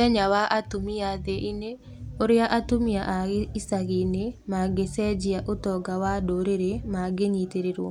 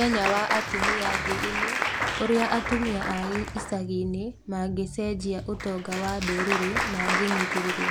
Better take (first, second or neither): first